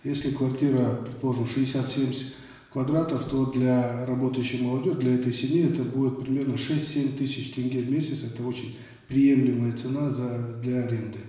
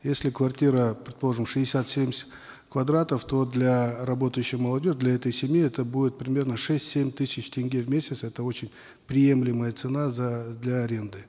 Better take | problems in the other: second | room echo; dies away in 0.9 s

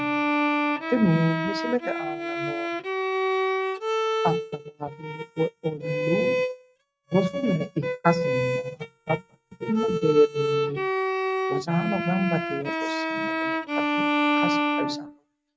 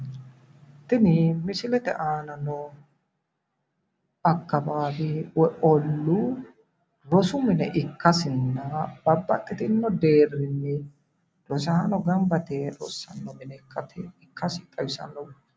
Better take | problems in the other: second | noise reduction (neural mask model RNNoise)

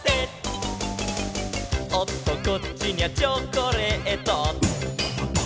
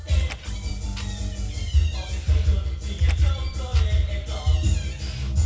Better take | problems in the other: first | background sound (Door); 20 dB below the speech // room echo; dies away in 0.6 s

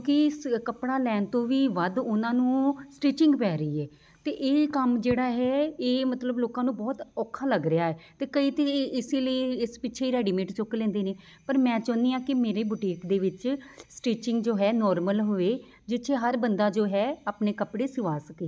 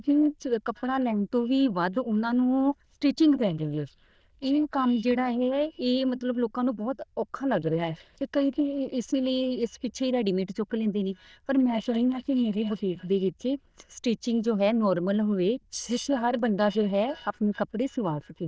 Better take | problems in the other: first | noise reduction (neural diffusion model UNIVERSE++)

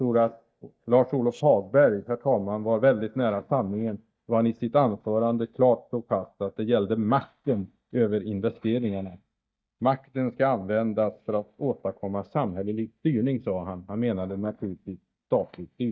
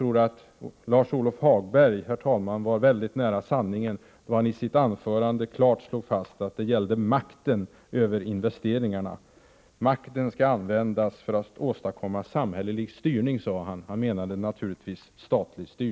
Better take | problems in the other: second | noise reduction (neural mask model DeepFilterNet 3)

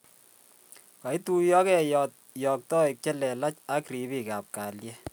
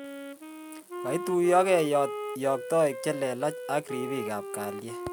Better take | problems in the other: first | background sound (Wind instrument, woodwind instrument); 9 dB below the speech

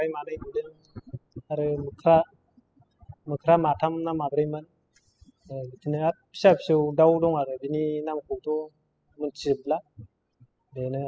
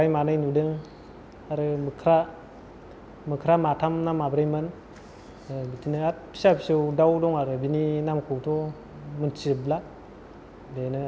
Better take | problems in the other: second | noise reduction (classical method spectral subtraction)

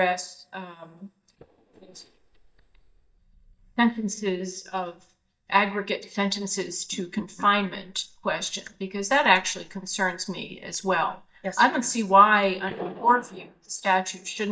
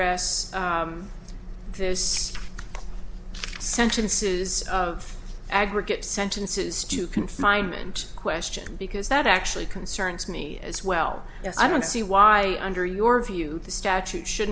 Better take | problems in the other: second | noise reduction (neural mask model DeepFilterNet 3)

